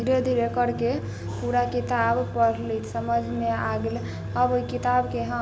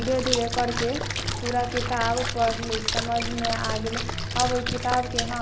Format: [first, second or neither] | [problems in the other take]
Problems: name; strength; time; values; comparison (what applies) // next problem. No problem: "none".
first | background sound (Splash, splatter + Water / Splash, splatter); 3 dB below the speech